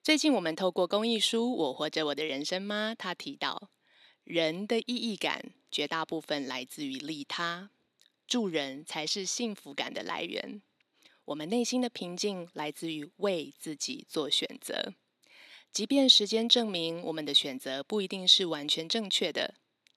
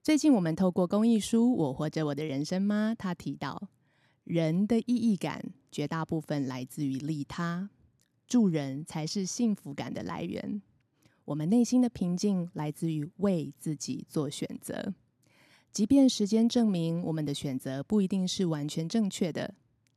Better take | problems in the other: second | thin; somewhat; fading below 450 Hz

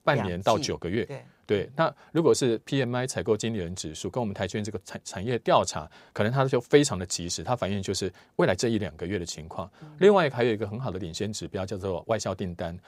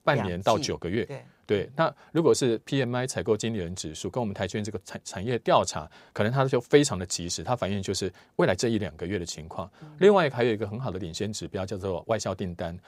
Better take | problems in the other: neither | none

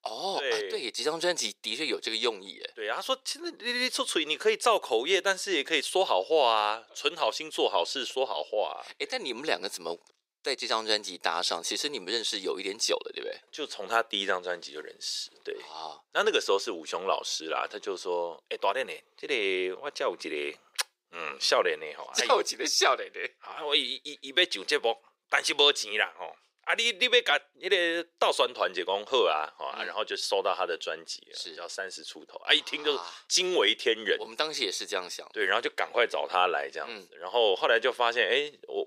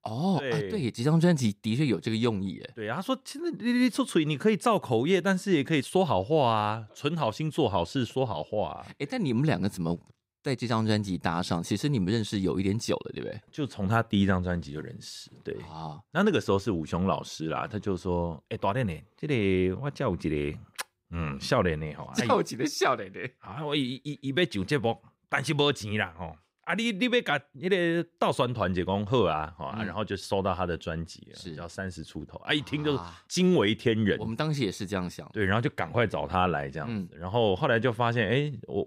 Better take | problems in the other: second | thin; very; fading below 450 Hz

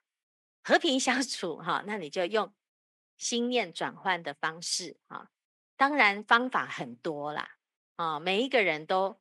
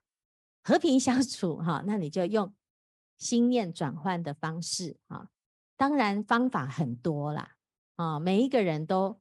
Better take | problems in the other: second | thin; somewhat; fading below 350 Hz

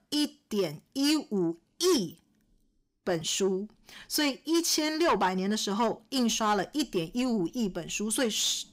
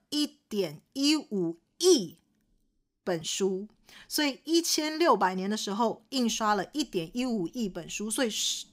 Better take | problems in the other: second | distortion; slight; 10 dB below the speech

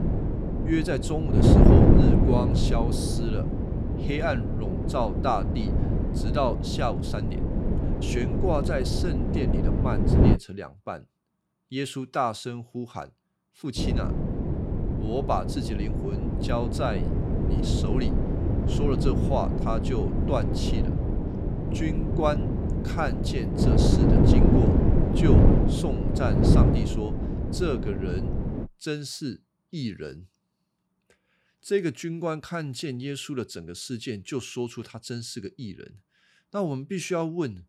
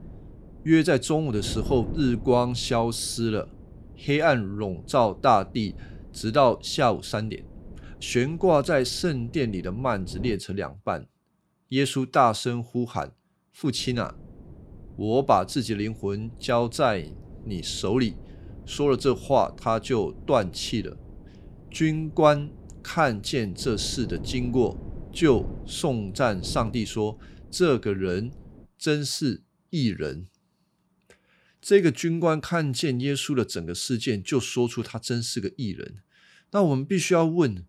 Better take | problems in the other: second | wind noise on the microphone; heavy; until 10 s and from 14 to 29 s; as loud as the speech; occasional gusts in the second

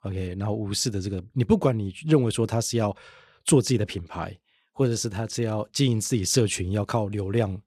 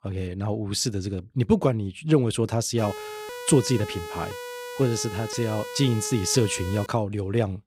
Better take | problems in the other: first | siren; faint; from 3 to 7 s; peak 10 dB below the speech

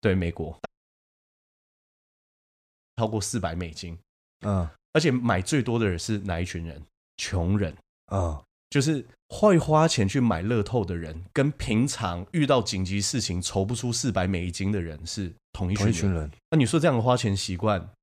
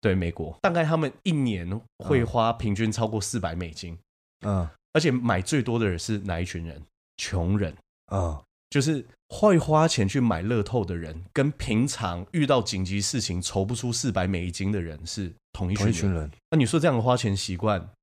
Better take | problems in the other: second | audio cutting out; at 0.5 s for 2.5 s

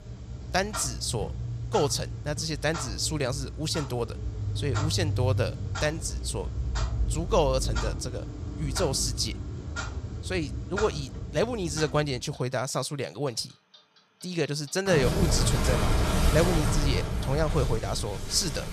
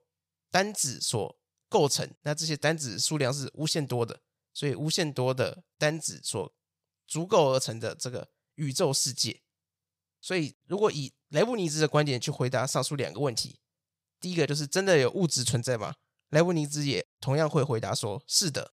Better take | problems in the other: second | household noises; loud; throughout; 3 dB below the speech

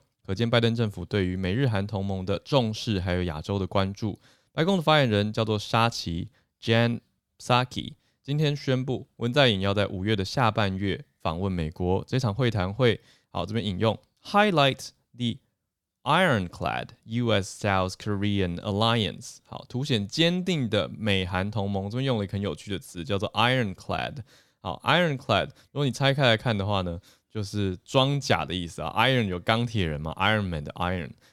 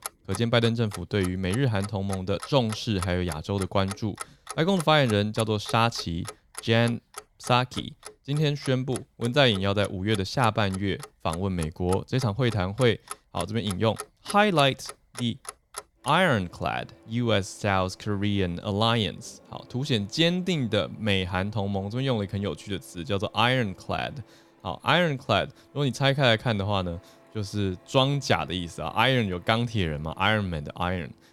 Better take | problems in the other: first | household noises; noticeable; throughout; 15 dB below the speech

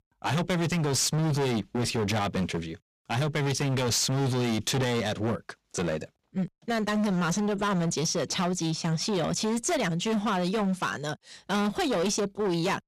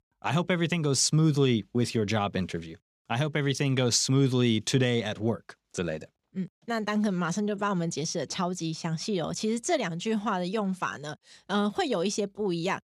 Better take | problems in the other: second | distortion; heavy; 26% of the sound clipped

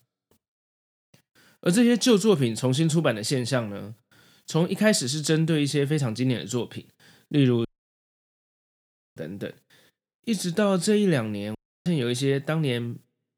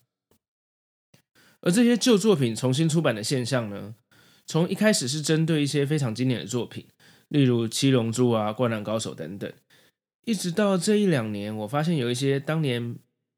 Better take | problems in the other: second | audio cutting out; at 7.5 s for 1.5 s and at 12 s

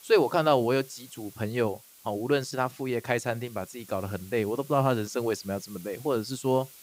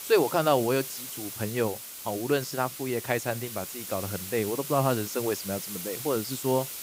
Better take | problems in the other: first | hiss; loud; throughout; 7 dB below the speech; faint in the first

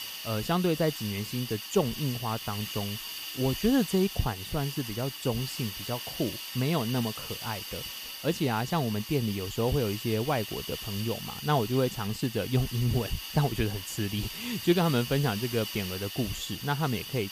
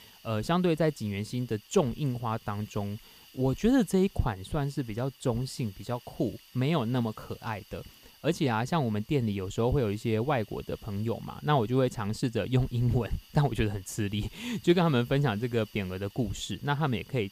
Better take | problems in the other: second | hiss; loud; throughout; 7 dB below the speech; faint in the second

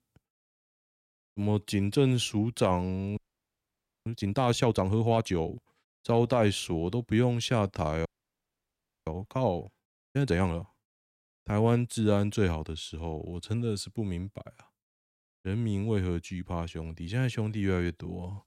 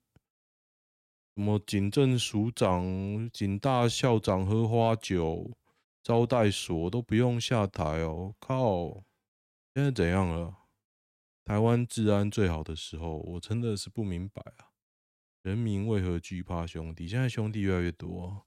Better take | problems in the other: second | audio freezing; at 3 s for 1 s and at 8 s for 1 s

